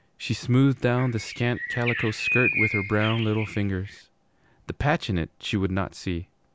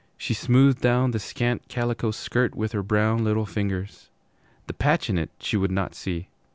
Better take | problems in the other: second | background sound (Bird); 4 dB below the speech

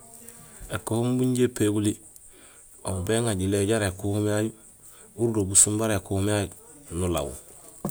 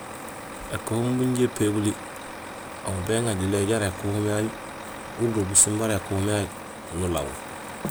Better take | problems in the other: first | background sound (Truck); 11 dB below the speech

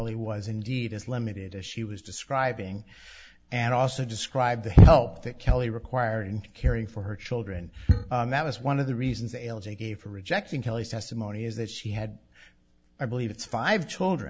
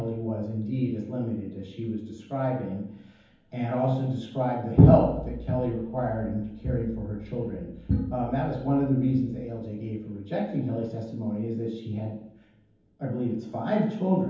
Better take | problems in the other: first | room echo; dies away in 0.9 s

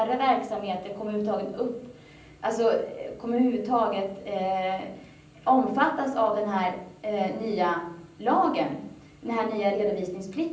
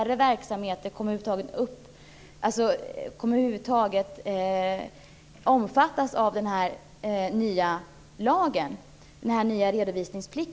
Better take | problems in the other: second | room echo; dies away in 0.6 s

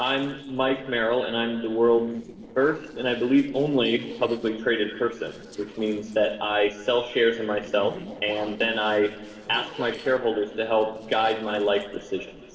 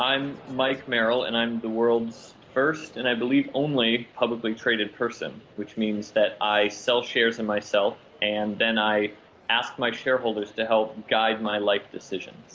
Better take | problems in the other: second | noise reduction (neural separator model SepFormer DNS4)

